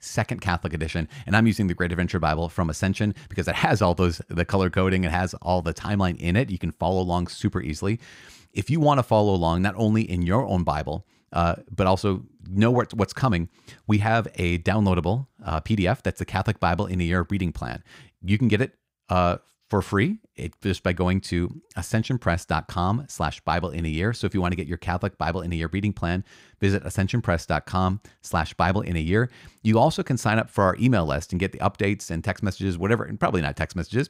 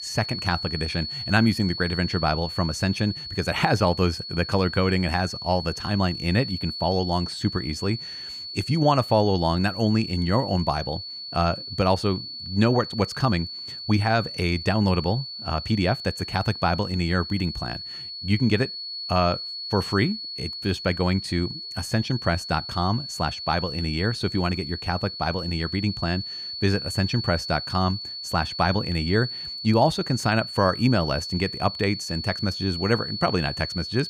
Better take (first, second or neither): first